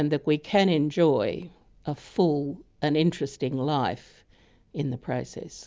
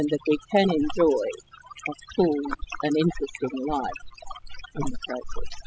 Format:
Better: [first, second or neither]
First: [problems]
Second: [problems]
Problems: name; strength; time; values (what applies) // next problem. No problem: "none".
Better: first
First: none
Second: noise reduction (classical method spectral subtraction)